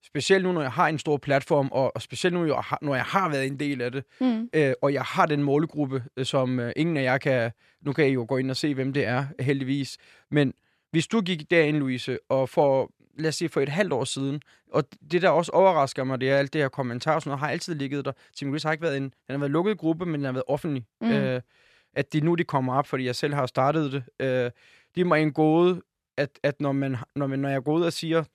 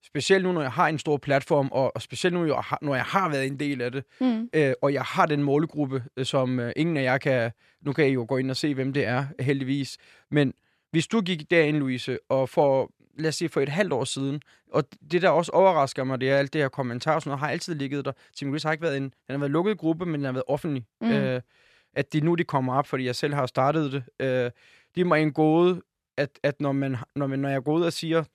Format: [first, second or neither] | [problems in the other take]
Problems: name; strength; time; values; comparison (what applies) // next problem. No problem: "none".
neither | none